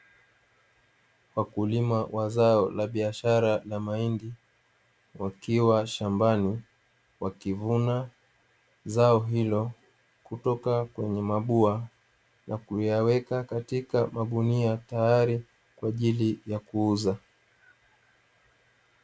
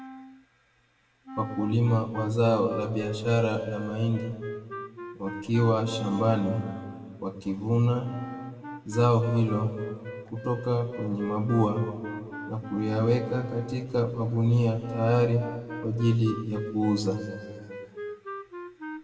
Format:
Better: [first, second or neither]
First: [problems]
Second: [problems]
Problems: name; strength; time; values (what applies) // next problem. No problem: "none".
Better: first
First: none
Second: background sound (Wind instrument, woodwind instrument); 13 dB below the speech // room echo; dies away in 1.7 s